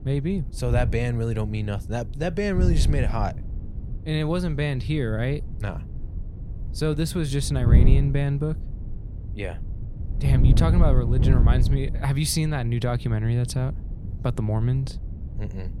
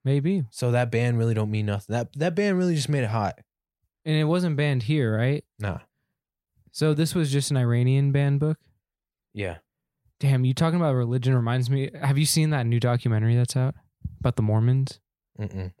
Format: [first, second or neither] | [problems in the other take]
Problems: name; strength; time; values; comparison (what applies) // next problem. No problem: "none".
second | wind noise on the microphone; occasional gusts; 10 dB below the speech